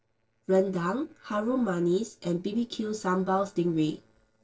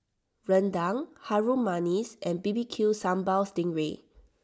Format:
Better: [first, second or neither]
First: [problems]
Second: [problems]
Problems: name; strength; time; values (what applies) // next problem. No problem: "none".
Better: second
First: noise reduction (neural separator model SepFormer DNS4)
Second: none